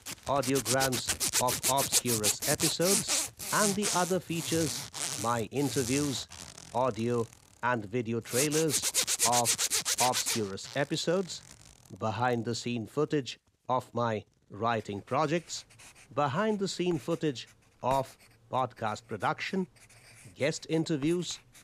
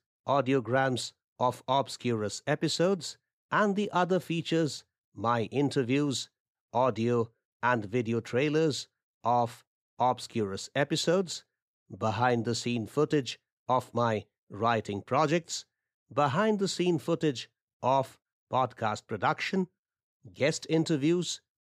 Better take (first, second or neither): second